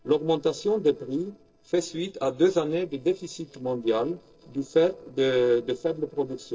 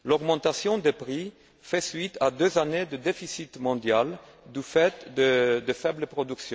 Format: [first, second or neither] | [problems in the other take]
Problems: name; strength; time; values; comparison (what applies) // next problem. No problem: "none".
second | noise reduction (neural separator model SepFormer DNS4)